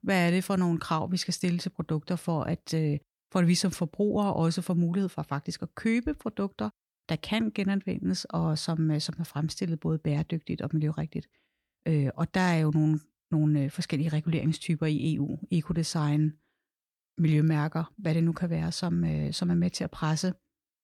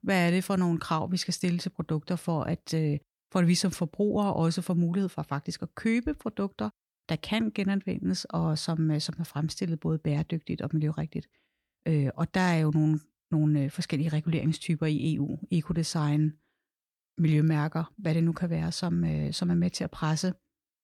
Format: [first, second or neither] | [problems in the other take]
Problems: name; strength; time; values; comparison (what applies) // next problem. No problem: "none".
neither | none